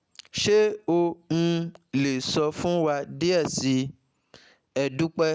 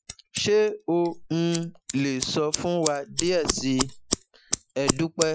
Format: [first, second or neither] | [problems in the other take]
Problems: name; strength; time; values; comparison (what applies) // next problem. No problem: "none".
first | noise reduction (classical method Wiener filter)